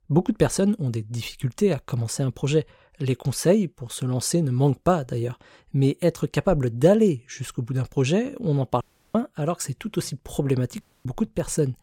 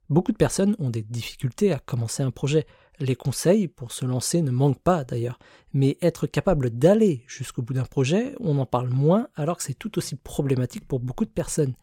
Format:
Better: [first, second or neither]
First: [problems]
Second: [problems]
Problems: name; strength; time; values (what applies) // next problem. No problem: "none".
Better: second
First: audio cutting out; at 9 s and at 11 s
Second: none